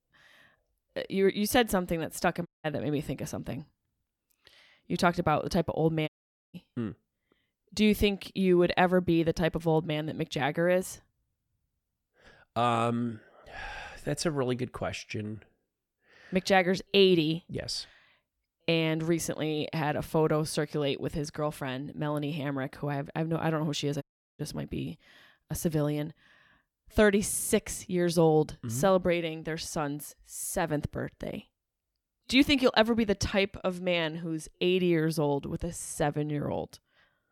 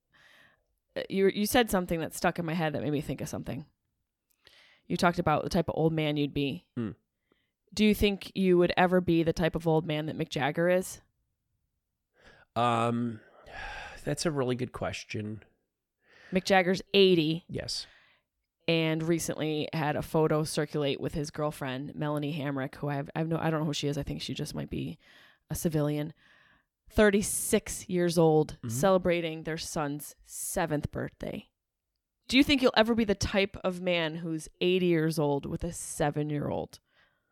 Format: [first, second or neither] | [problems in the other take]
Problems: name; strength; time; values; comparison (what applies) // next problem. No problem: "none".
second | audio cutting out; at 2.5 s, at 6 s and at 24 s